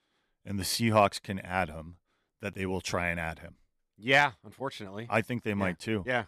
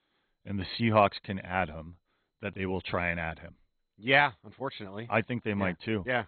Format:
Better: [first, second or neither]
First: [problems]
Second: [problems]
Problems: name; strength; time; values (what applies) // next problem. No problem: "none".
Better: first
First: none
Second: garbled, watery; badly; nothing above 4 kHz